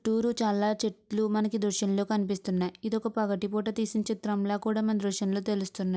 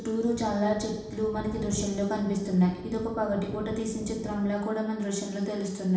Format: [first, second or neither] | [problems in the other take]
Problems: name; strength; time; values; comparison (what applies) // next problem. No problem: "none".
first | background sound (Thunder); 14 dB below the speech // room echo; dies away in 0.9 s